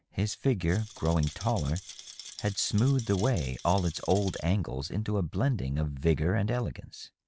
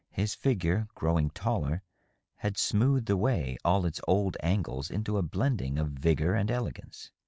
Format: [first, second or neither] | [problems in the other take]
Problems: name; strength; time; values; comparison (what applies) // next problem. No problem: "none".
second | background sound (Rattle); 16 dB below the speech